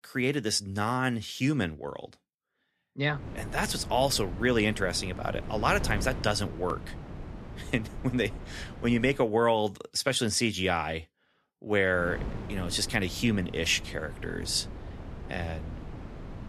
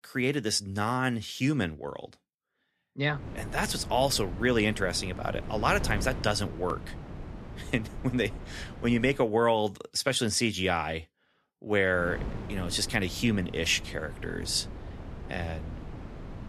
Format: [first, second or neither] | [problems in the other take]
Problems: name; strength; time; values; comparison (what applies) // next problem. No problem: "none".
neither | wind noise on the microphone; occasional gusts; from 3 to 9 s and from 12 s on; 15 dB below the speech; the same in both